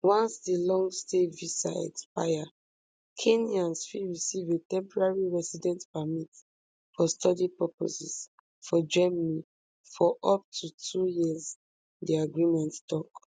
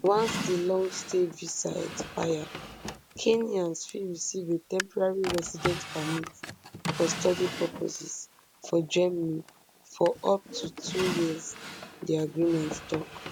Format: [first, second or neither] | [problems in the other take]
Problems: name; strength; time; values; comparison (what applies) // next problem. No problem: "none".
first | background sound (Drawer open or close); 9 dB below the speech